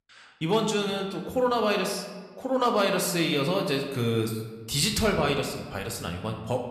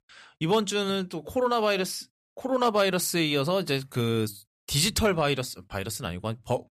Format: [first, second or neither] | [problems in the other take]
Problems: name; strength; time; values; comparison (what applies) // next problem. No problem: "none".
second | room echo; slight; dies away in 1 s